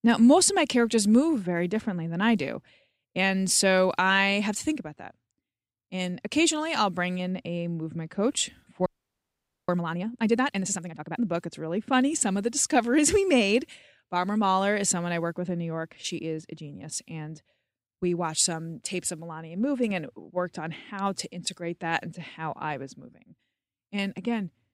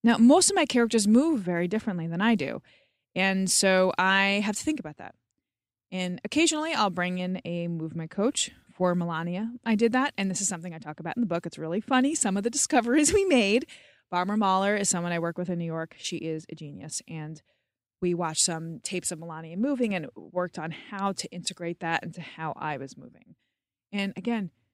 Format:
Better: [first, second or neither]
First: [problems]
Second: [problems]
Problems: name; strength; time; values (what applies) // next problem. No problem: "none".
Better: second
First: audio freezing; at 9 s for 1 s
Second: none